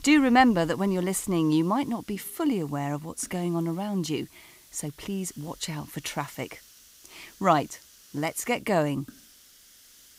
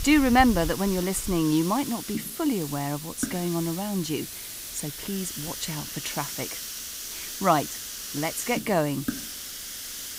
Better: first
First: hiss; faint; throughout; 25 dB below the speech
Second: hiss; loud; throughout; 7 dB below the speech

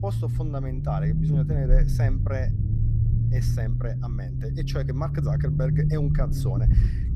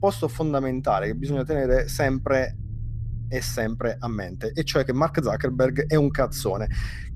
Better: second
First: low rumble; loud; throughout; as loud as the speech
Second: low rumble; faint; throughout; 20 dB below the speech

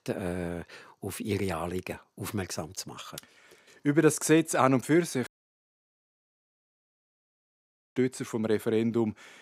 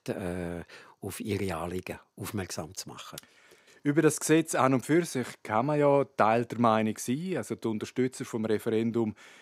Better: second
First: audio cutting out; at 5.5 s for 2.5 s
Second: none

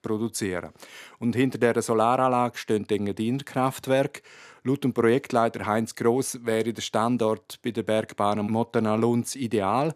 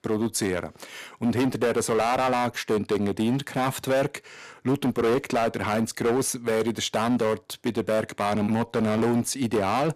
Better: first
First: none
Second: distortion; heavy; 14% of the sound clipped

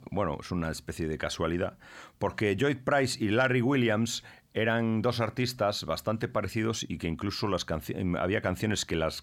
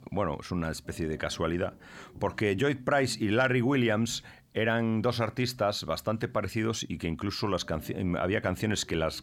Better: first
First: none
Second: low rumble; faint; throughout; 25 dB below the speech

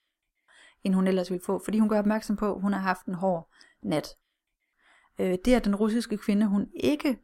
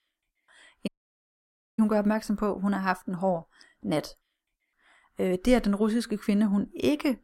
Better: first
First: none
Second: audio cutting out; at 1 s for 1 s

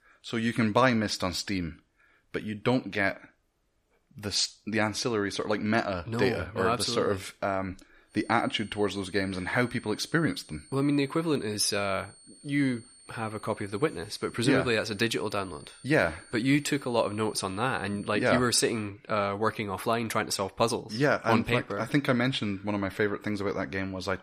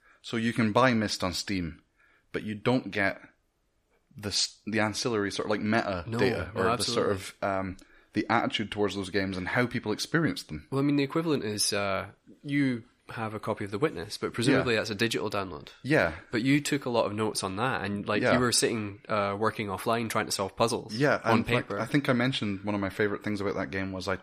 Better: second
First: high-pitched whine; faint; from 8 to 19 s; 9 kHz, 25 dB below the speech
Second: none

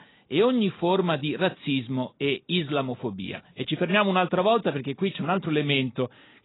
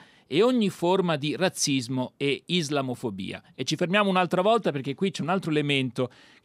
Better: second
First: garbled, watery; badly; nothing above 4 kHz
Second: none

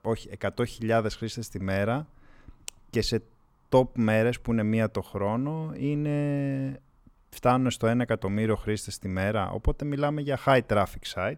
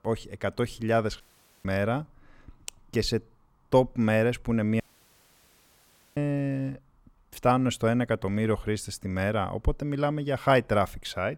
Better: first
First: none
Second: audio cutting out; at 1 s and at 5 s for 1.5 s

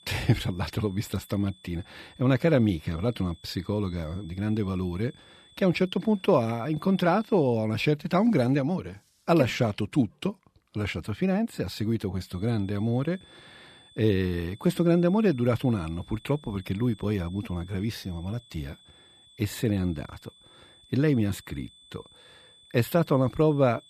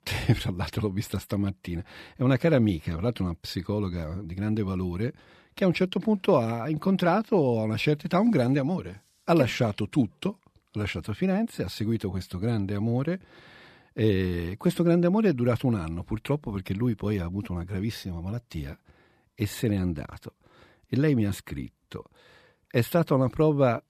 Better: second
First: high-pitched whine; faint; until 7.5 s and from 12 s on; 3.5 kHz, 25 dB below the speech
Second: none

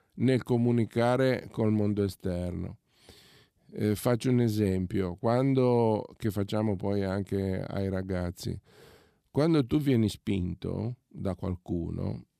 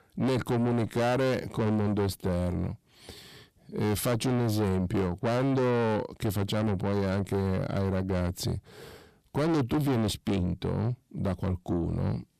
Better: first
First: none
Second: distortion; heavy; 6 dB below the speech

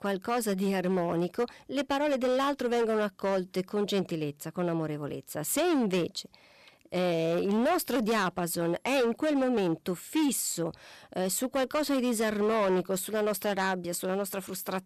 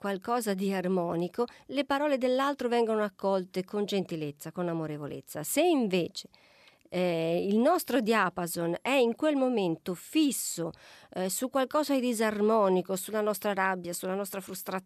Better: second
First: distortion; slight; 12% of the sound clipped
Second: none

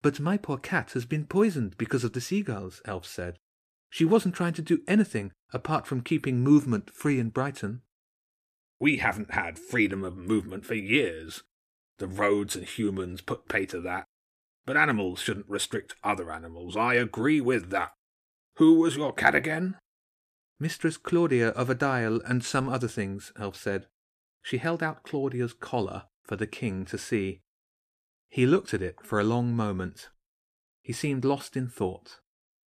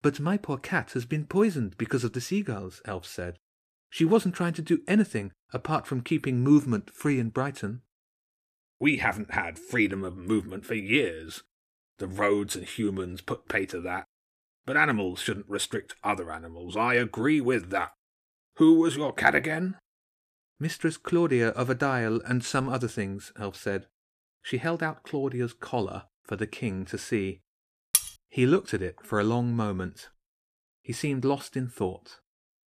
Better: first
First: none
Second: clattering dishes; very faint; at 28 s; peak 3 dB above the speech

